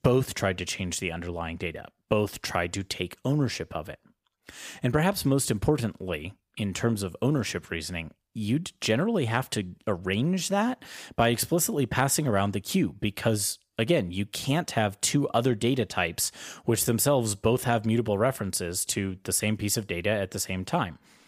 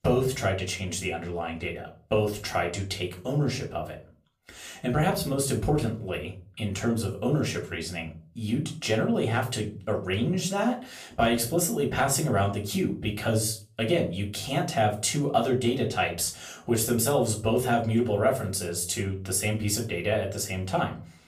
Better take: first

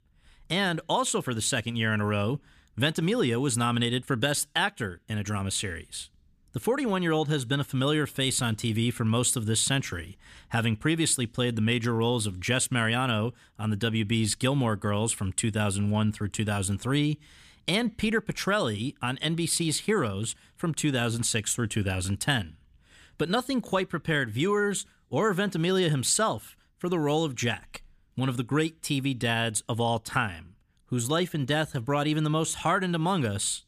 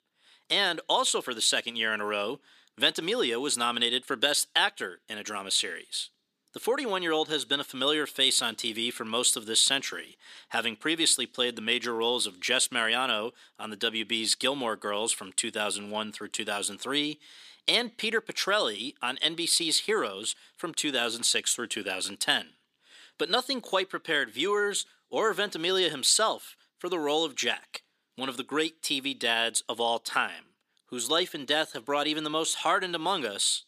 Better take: first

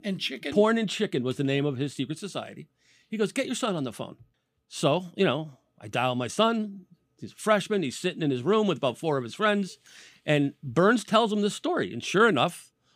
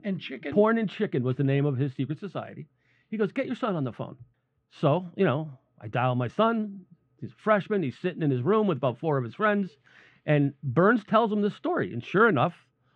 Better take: first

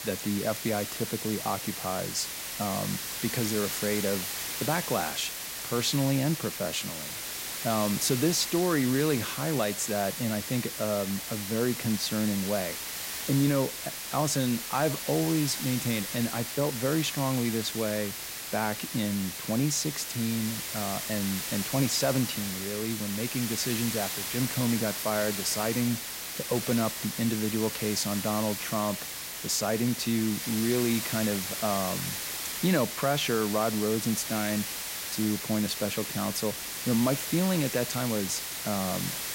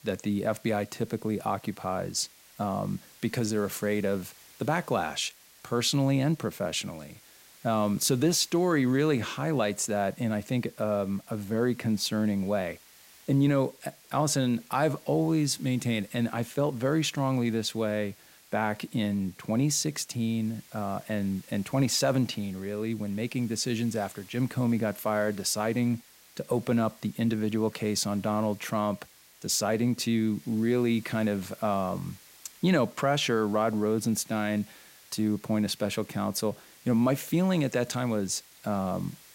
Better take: second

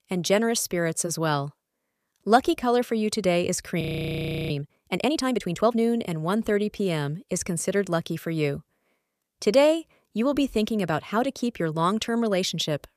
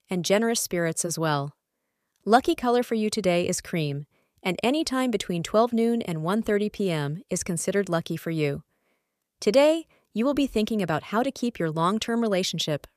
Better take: second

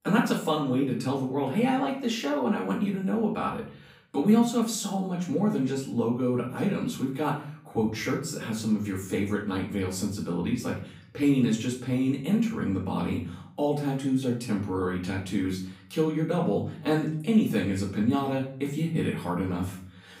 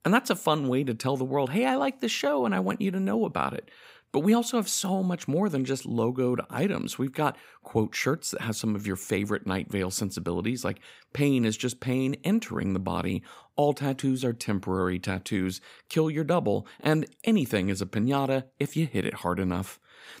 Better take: second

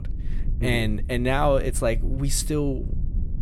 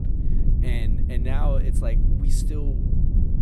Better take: first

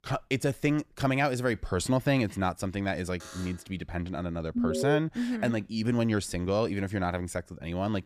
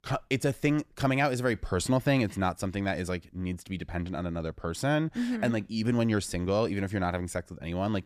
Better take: second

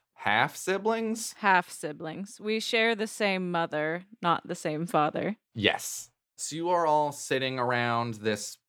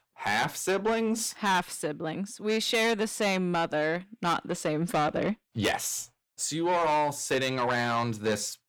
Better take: first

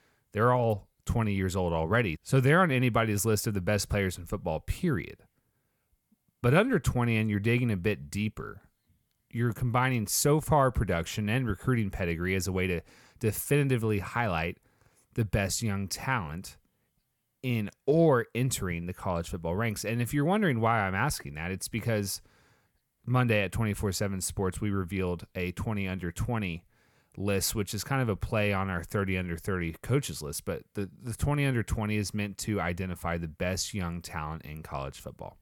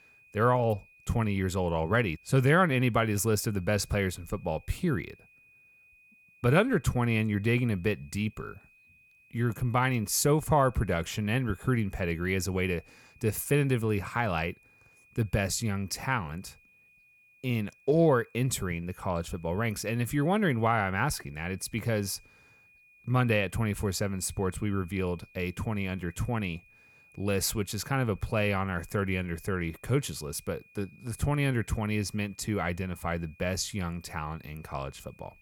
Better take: first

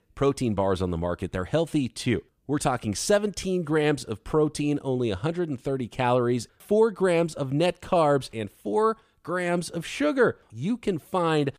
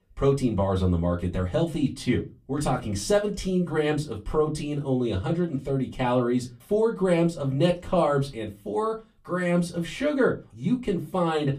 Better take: first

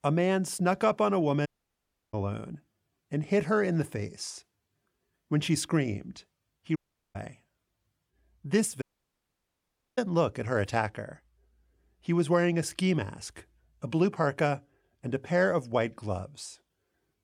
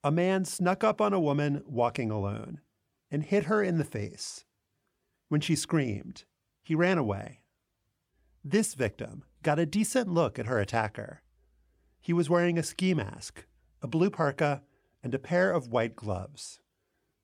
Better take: second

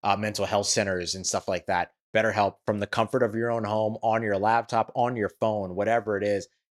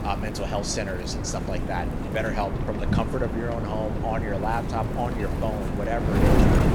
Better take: first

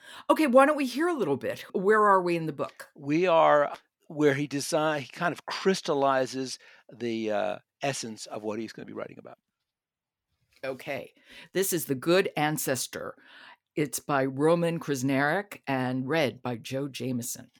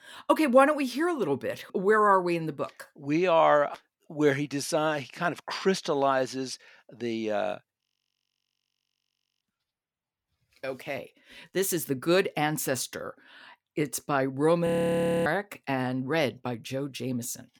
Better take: first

